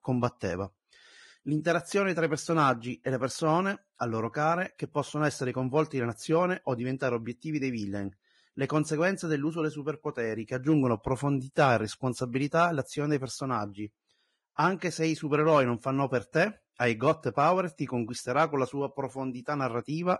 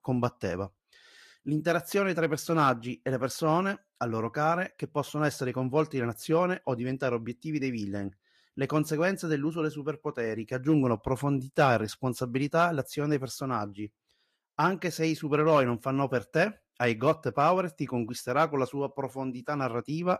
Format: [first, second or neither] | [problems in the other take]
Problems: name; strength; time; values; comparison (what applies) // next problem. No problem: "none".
second | garbled, watery; badly; nothing above 11.5 kHz; slightly in the second